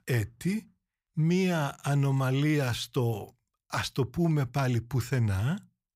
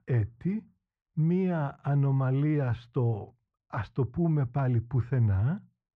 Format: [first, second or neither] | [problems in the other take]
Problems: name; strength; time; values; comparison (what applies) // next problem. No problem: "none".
first | muffled; very; fading above 1.5 kHz